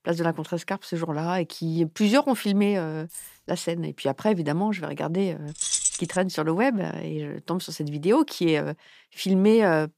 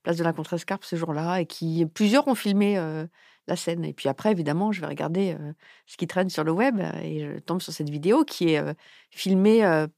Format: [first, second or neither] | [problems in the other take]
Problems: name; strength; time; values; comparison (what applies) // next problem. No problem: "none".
second | jangling keys; faint; at 3 s; peak 15 dB below the speech // jangling keys; loud; at 5.5 s; peak 2 dB above the speech